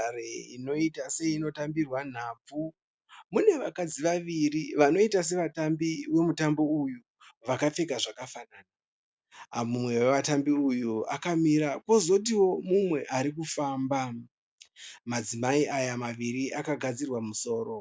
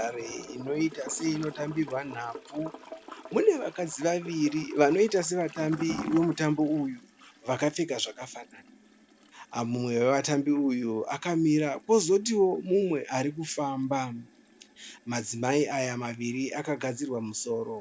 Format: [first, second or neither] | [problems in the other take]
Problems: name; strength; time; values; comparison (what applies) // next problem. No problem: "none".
first | background sound (Toilet flush / Gurgling); 18 dB below the speech